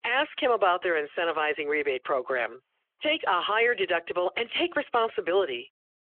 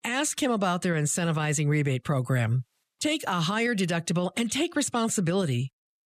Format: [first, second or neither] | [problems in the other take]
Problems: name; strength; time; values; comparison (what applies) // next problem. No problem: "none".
second | phone-call audio; nothing above 3 kHz